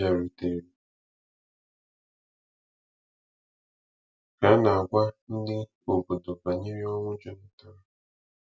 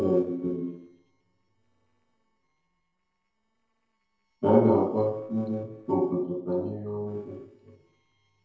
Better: first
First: none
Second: noise reduction (neural separator model SepFormer DNS4)

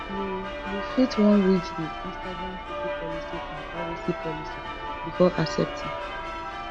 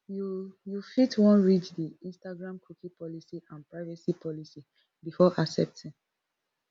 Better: second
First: background sound (Church bell); 5 dB below the speech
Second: none

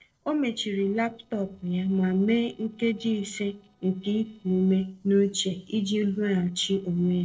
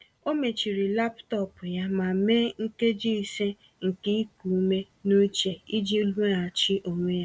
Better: second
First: noise reduction (neural separator model SepFormer DNS4)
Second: none

